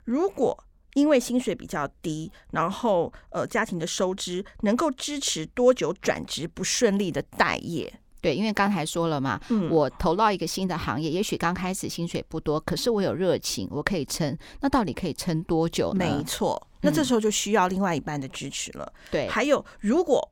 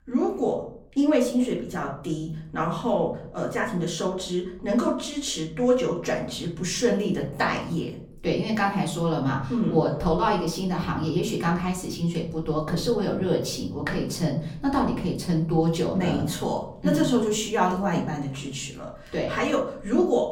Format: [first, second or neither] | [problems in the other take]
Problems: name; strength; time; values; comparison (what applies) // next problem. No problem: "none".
first | off-mic speech; far // room echo; slight; dies away in 0.7 s